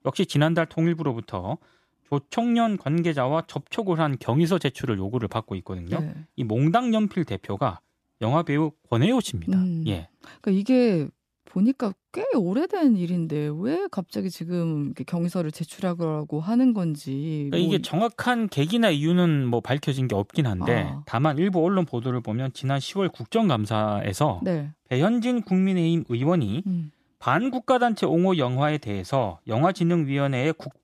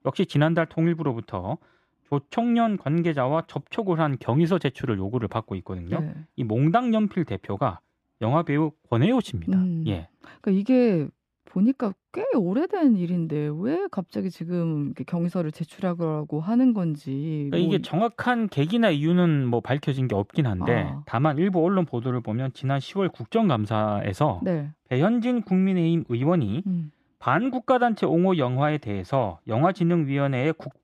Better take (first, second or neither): first